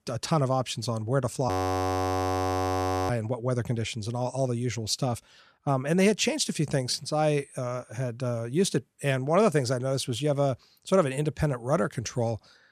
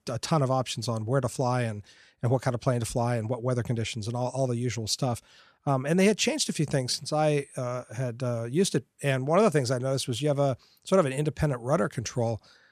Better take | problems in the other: second | audio freezing; at 1.5 s for 1.5 s

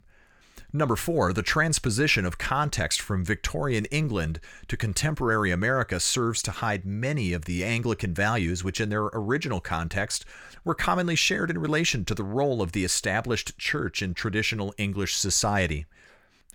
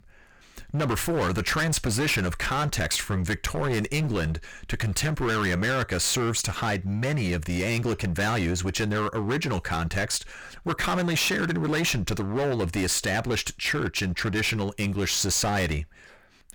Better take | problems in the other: first | distortion; heavy; 22% of the sound clipped

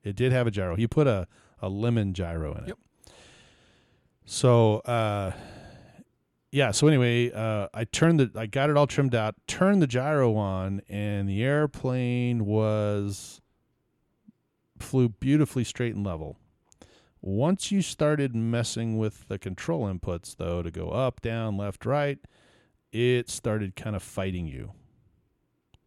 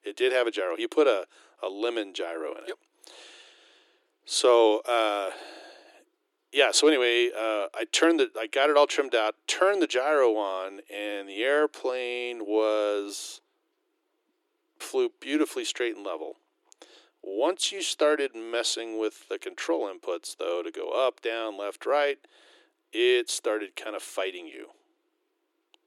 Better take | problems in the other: first | thin; very; fading below 300 Hz

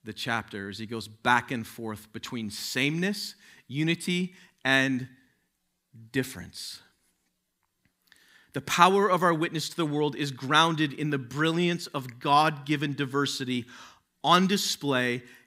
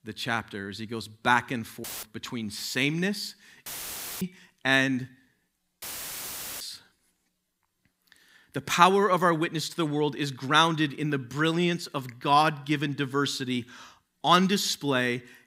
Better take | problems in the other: first | audio cutting out; filled with static; at 2 s, at 3.5 s for 0.5 s and at 6 s for 1 s

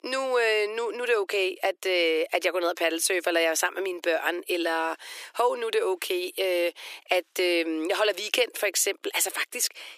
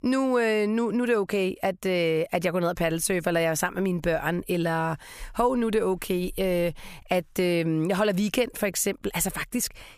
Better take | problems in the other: second | thin; very; fading below 350 Hz

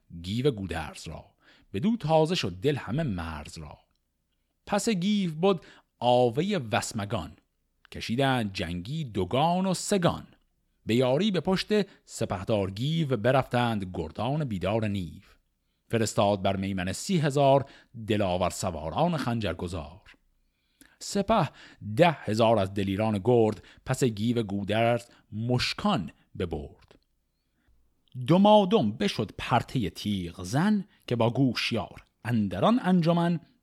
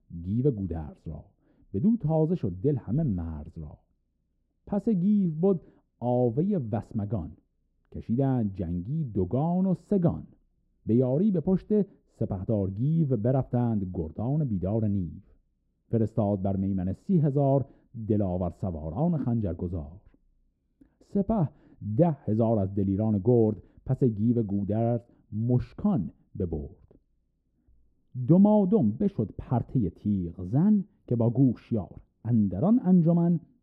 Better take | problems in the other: first | muffled; very; fading above 1 kHz

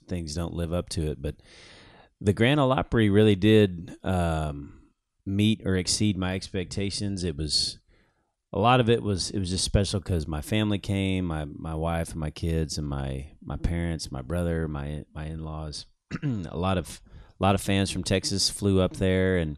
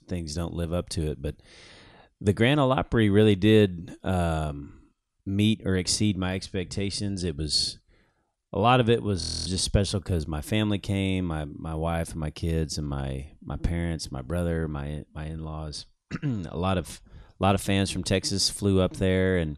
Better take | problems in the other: first | audio freezing; at 9 s

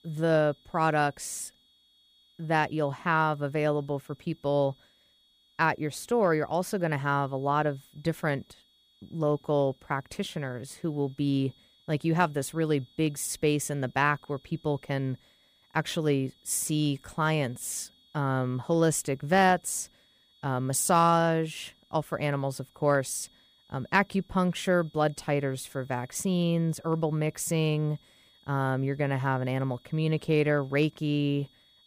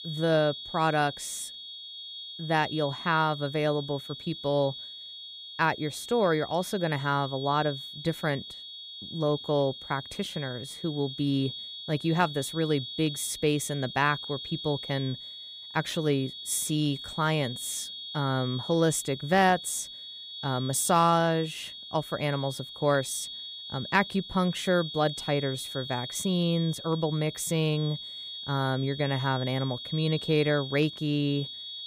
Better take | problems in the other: first | high-pitched whine; loud; throughout; 3.5 kHz, 10 dB below the speech; faint in the first

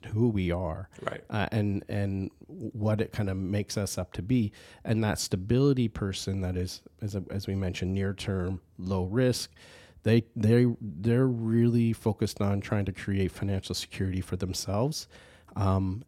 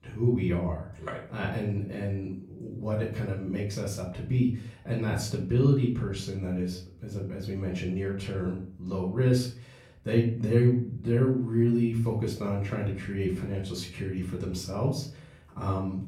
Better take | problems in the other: first | off-mic speech; far // room echo; slight; dies away in 0.5 s

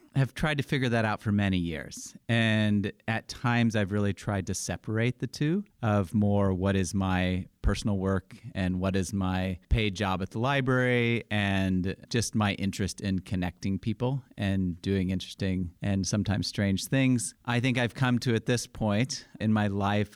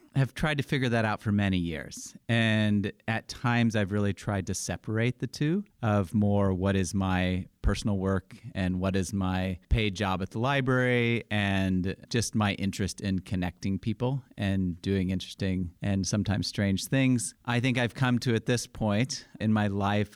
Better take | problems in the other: neither | none

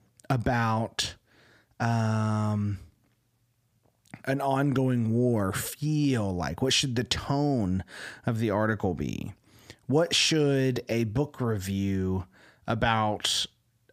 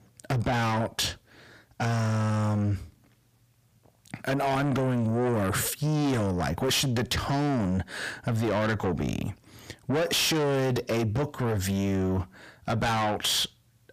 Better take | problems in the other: first | distortion; heavy; 6 dB below the speech

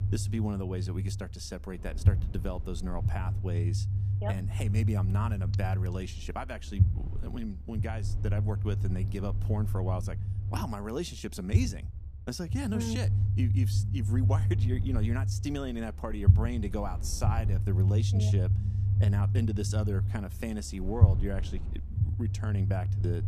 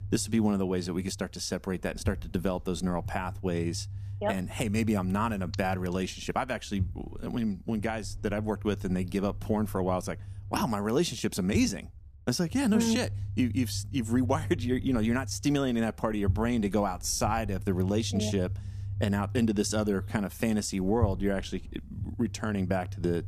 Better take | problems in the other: second | low rumble; loud; throughout; 5 dB below the speech; faint in the second

